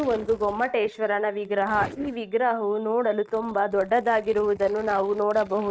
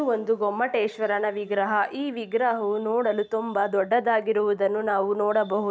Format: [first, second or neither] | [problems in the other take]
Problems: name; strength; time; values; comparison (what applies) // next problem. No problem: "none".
second | noise reduction (neural mask model RNNoise)